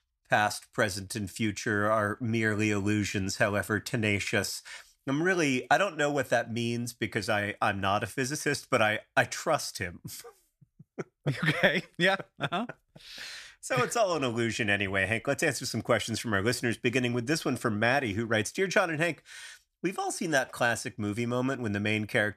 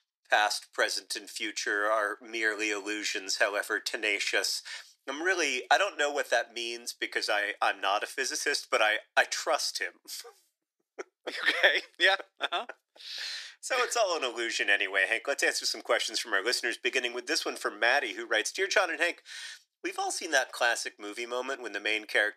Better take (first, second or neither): first